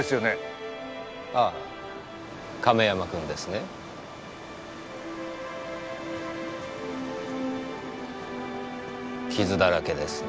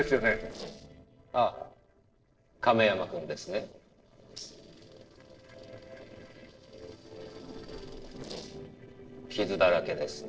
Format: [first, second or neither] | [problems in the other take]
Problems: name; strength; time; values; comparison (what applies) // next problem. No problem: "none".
first | noise reduction (neural separator model SepFormer DNS4)